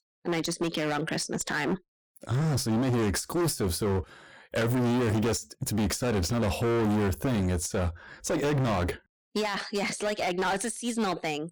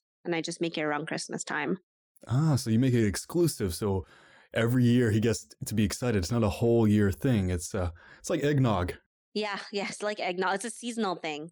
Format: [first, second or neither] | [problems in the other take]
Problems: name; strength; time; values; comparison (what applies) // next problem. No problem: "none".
second | distortion; heavy; 26% of the sound clipped